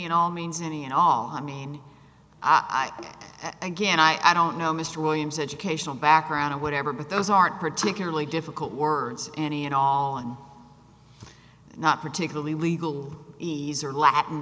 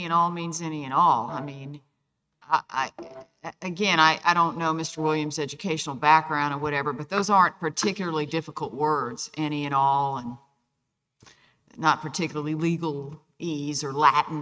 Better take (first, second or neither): first